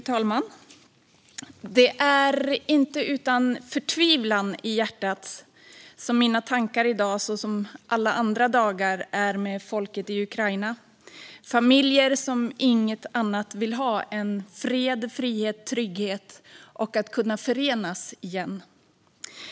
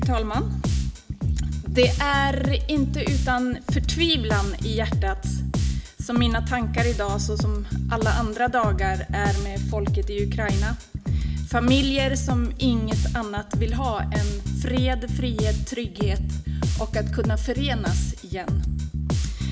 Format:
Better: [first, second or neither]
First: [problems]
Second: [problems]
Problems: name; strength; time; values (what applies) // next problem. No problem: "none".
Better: first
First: none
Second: background sound (Bass guitar); 3 dB above the speech // room echo; dies away in 0.7 s